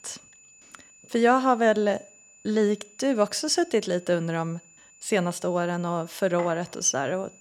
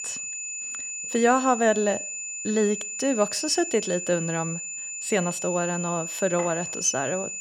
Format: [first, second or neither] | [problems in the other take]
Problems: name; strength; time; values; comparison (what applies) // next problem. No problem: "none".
first | high-pitched whine; loud; throughout; 7 kHz, 6 dB below the speech; faint in the first